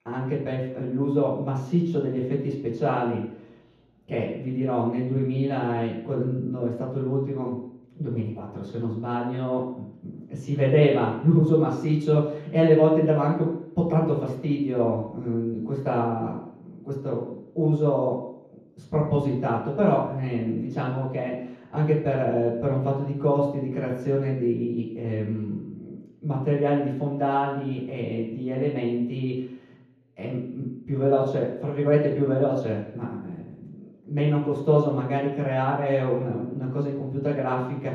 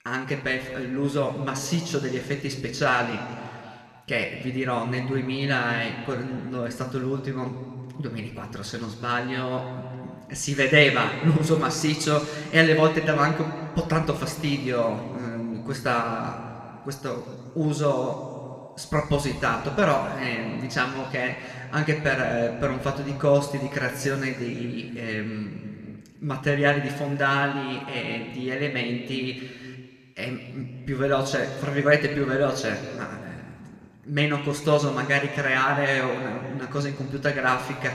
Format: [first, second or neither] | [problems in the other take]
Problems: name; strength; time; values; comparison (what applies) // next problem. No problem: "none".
second | room echo; strong; dies away in 0.9 s; slight in the second // off-mic speech; far; somewhat distant in the second